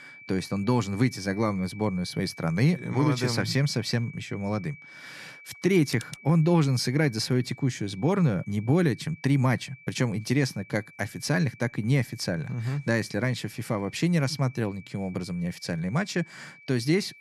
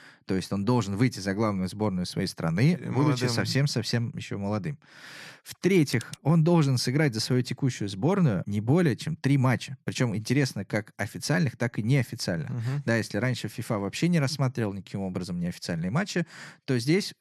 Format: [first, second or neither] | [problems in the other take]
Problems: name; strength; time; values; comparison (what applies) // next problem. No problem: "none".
second | high-pitched whine; faint; throughout; 2.5 kHz, 20 dB below the speech